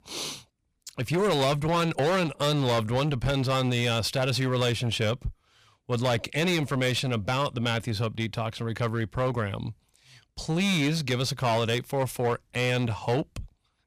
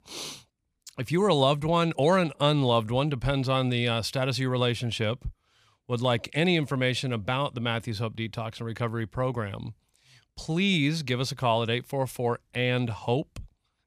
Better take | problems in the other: second | distortion; heavy; 15% of the sound clipped

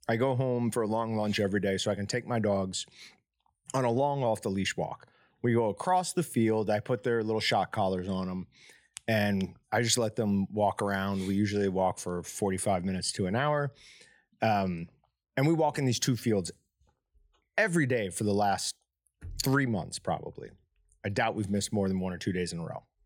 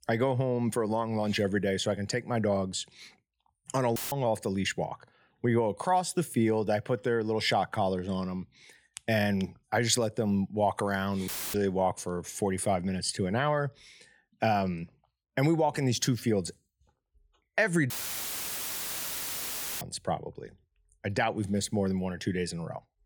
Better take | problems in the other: first | audio cutting out; filled with static; at 4 s, at 11 s and at 18 s for 2 s

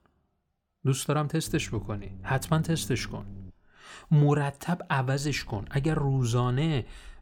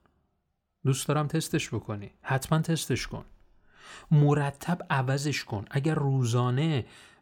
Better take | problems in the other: second | low rumble; faint; from 1.5 to 3.5 s and from 5 s on; 25 dB below the speech

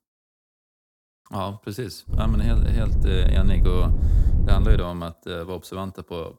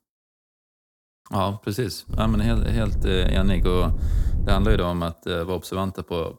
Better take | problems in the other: second | wind noise on the microphone; heavy; from 2 to 5 s; 7 dB below the speech; occasional gusts in the second

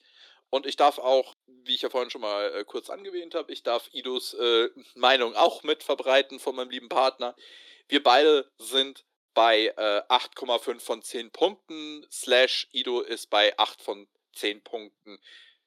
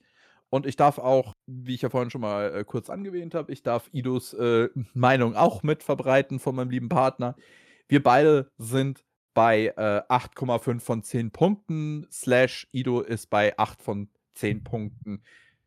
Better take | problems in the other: second | thin; somewhat; fading below 300 Hz

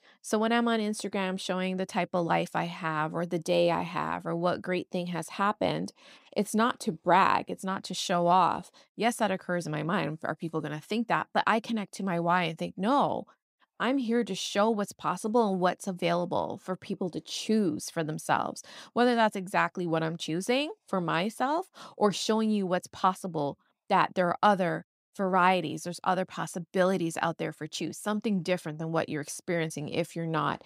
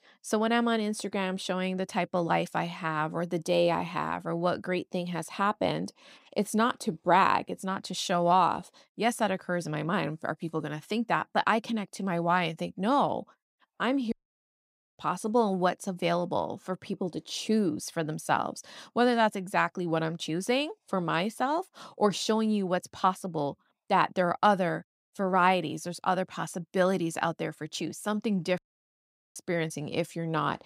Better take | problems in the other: first | audio cutting out; at 14 s for 1 s and at 29 s for 1 s

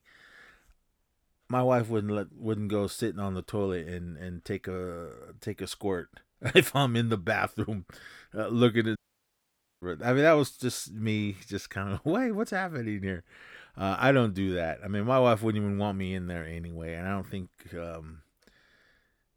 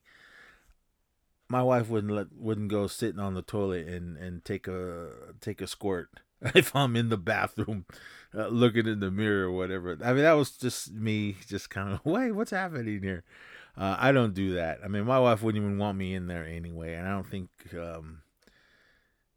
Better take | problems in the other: second | audio cutting out; at 9 s for 1 s

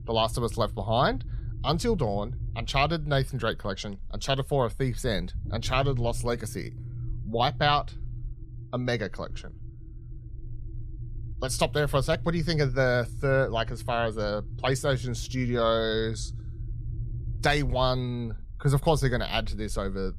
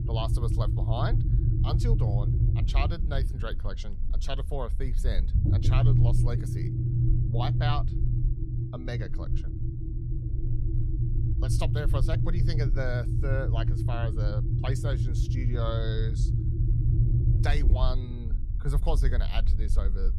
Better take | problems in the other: first | low rumble; loud; throughout; 4 dB below the speech; faint in the first

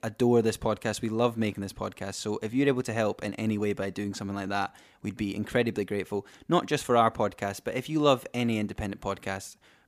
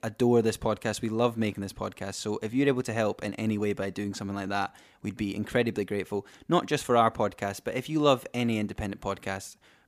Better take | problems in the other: neither | none

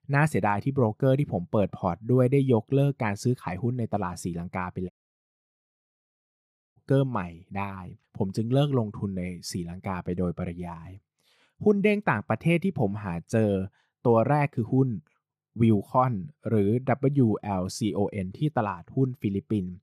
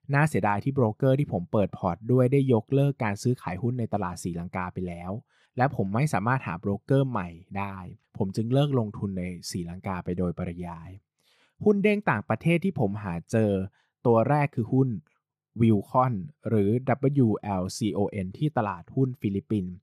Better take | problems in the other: second | audio cutting out; at 5 s for 2 s

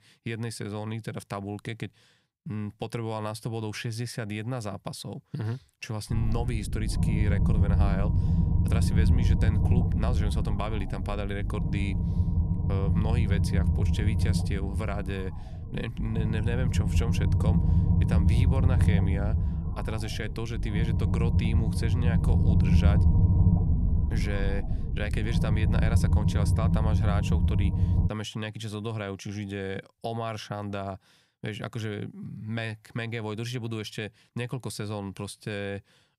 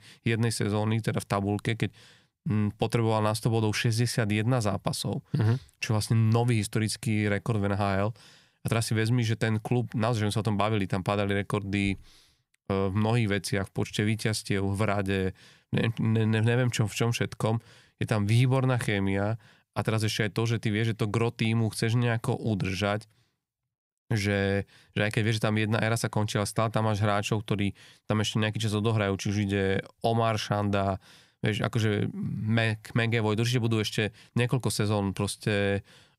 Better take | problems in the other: second | low rumble; loud; from 6 to 28 s; 2 dB below the speech

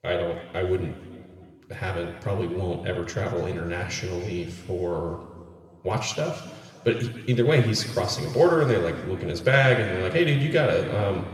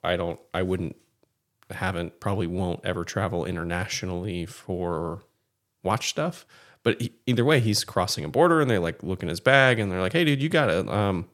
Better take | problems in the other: second | room echo; noticeable; dies away in 2.1 s // off-mic speech; somewhat distant

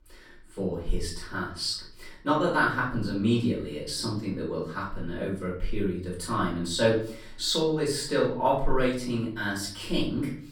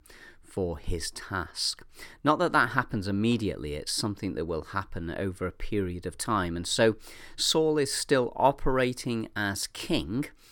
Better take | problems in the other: second | room echo; noticeable; dies away in 0.5 s // off-mic speech; far

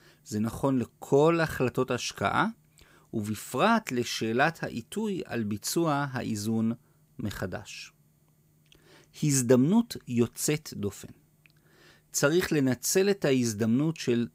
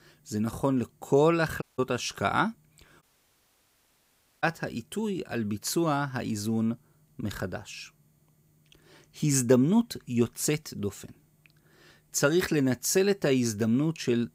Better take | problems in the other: first | audio cutting out; at 1.5 s and at 3 s for 1.5 s

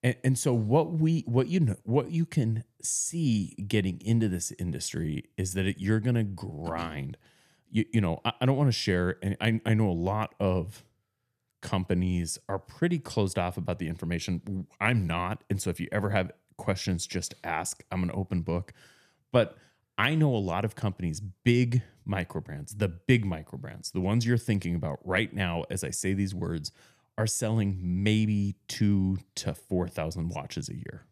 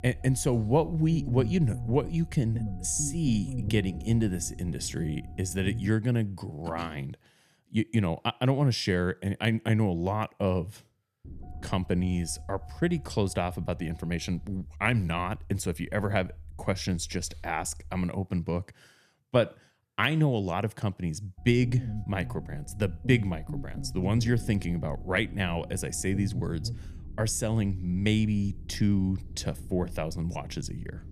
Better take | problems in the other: first | low rumble; noticeable; until 6 s, from 11 to 18 s and from 21 s on; 15 dB below the speech

